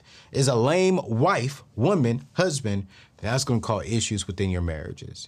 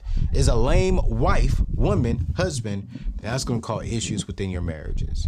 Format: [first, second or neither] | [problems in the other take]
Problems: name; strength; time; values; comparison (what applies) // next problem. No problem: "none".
first | wind noise on the microphone; occasional gusts; 15 dB below the speech